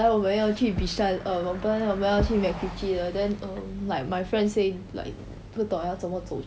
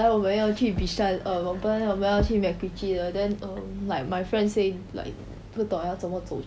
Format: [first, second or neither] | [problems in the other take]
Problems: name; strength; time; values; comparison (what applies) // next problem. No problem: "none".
second | background sound (Car passing by); 20 dB below the speech